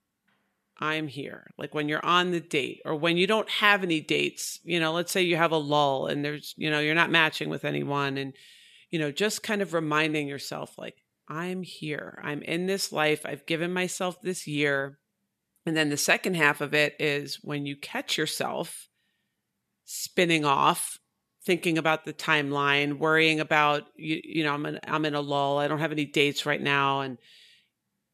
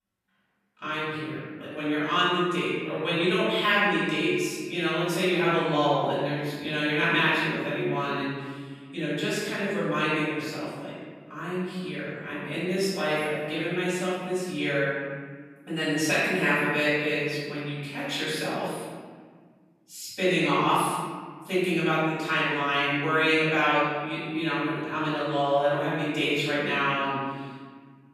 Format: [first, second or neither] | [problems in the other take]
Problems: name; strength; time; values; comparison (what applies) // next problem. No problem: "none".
first | room echo; strong; dies away in 1.6 s // off-mic speech; far